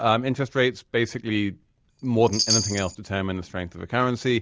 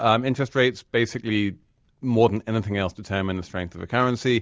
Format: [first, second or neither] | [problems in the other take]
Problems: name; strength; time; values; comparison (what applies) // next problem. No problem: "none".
second | background sound (Chime); 3 dB below the speech